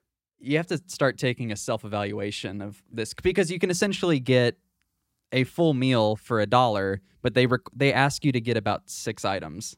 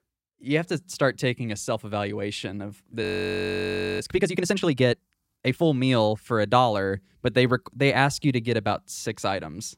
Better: first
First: none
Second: audio freezing; at 3 s for 1 s

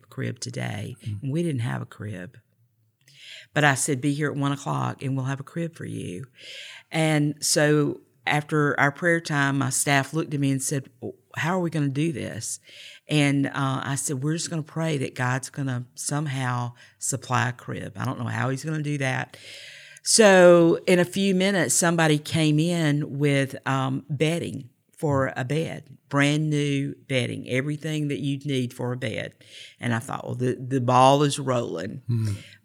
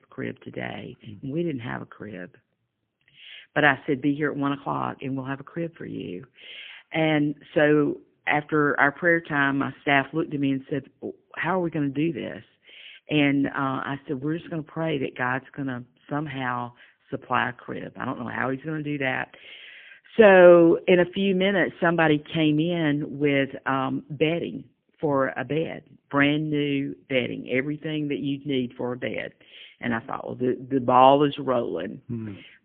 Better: first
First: none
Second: phone-call audio; poor line; nothing above 3.5 kHz

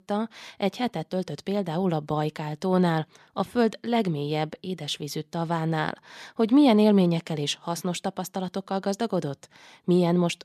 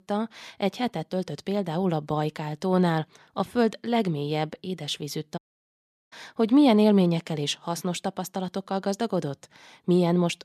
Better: first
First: none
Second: audio cutting out; at 5.5 s for 0.5 s

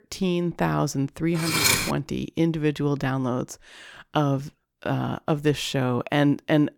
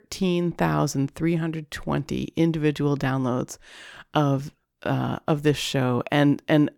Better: second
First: clattering dishes; loud; at 1.5 s; peak 6 dB above the speech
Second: none

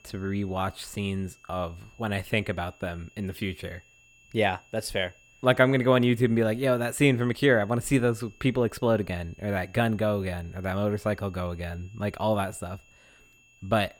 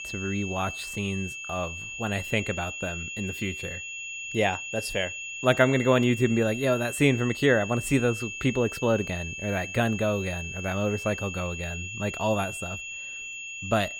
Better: first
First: high-pitched whine; faint; throughout; 2.5 kHz, 30 dB below the speech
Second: high-pitched whine; loud; throughout; 2.5 kHz, 7 dB below the speech

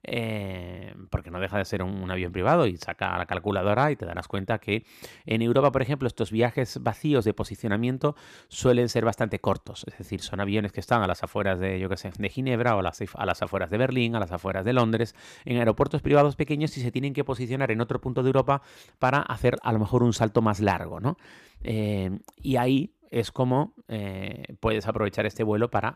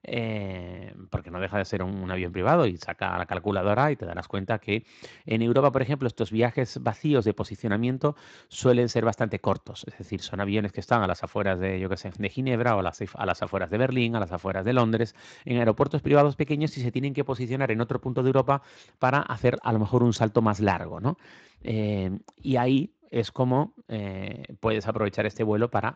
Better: first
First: none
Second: garbled, watery; slightly; nothing above 7.5 kHz

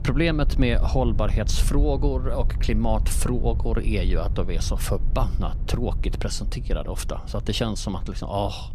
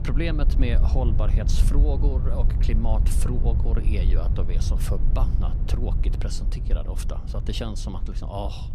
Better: first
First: wind noise on the microphone; occasional gusts; 15 dB below the speech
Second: wind noise on the microphone; heavy; 7 dB below the speech

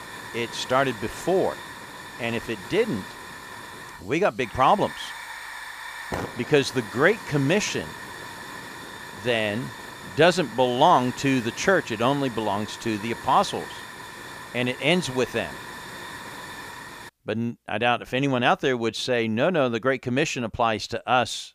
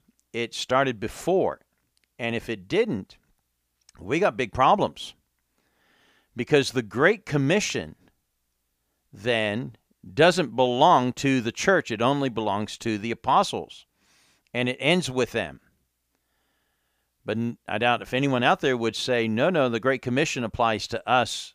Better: second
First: hiss; noticeable; until 17 s; 15 dB below the speech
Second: none

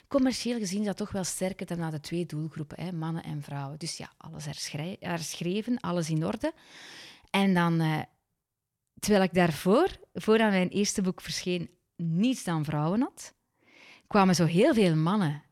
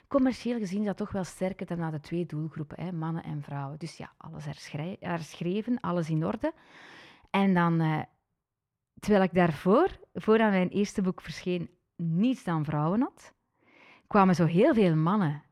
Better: first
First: none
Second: muffled; slightly; fading above 3.5 kHz

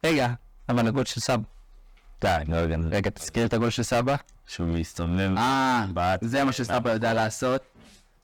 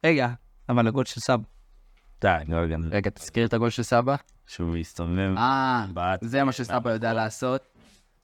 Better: second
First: distortion; heavy; 14% of the sound clipped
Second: none

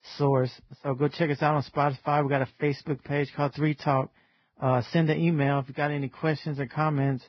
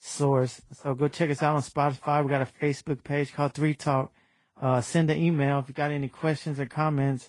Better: second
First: garbled, watery; badly; nothing above 5.5 kHz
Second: garbled, watery; slightly

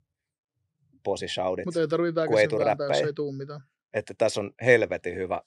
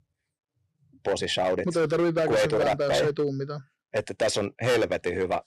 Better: first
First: none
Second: distortion; heavy; 12% of the sound clipped

